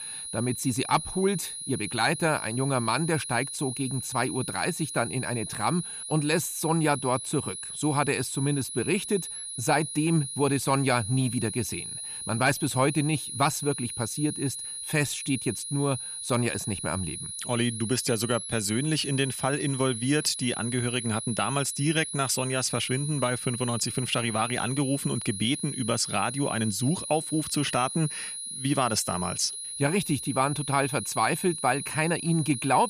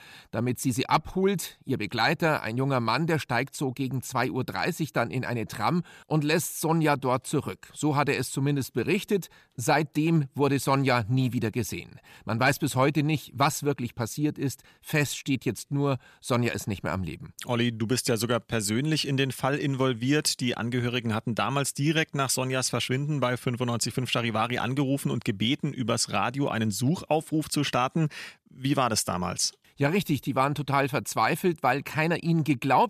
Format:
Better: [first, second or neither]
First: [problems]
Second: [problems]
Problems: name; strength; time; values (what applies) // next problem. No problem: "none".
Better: second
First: high-pitched whine; loud; throughout; 10.5 kHz, 6 dB below the speech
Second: none